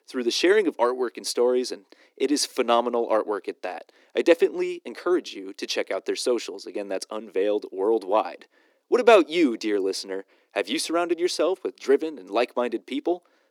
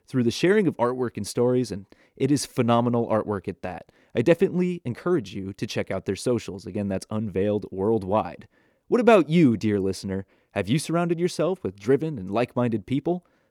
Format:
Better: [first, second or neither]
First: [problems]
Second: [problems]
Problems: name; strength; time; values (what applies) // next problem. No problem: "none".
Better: second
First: thin; somewhat; fading below 300 Hz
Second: none